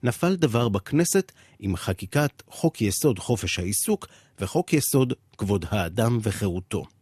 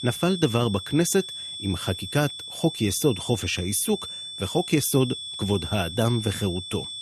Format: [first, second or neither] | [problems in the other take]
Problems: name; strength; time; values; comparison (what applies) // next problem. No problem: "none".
first | high-pitched whine; loud; throughout; 3.5 kHz, 8 dB below the speech